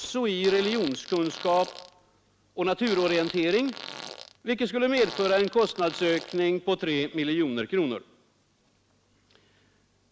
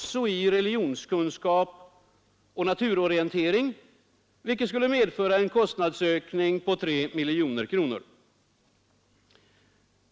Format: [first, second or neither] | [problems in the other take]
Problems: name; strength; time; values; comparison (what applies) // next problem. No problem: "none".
second | background sound (Fart); 13 dB below the speech